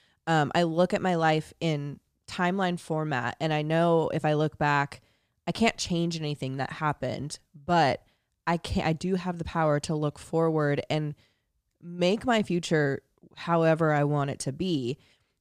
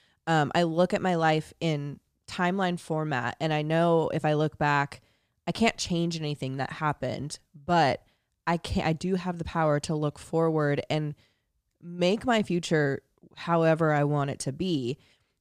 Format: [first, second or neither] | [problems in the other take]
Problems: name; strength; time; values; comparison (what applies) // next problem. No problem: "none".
neither | none